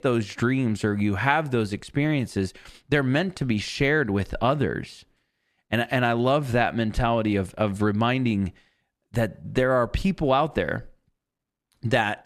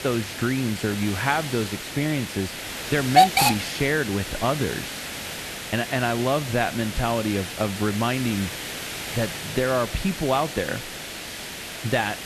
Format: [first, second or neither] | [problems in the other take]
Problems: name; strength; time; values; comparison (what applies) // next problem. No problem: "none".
first | hiss; loud; throughout; 2 dB below the speech